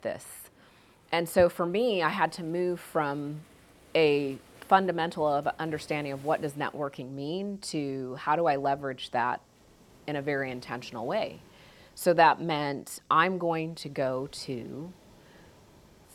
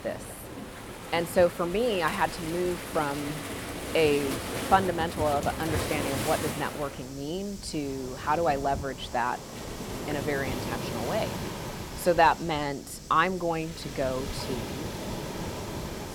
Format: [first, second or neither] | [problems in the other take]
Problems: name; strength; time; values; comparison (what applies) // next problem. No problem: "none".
first | rain or running water; loud; throughout; 7 dB below the speech; faint in the first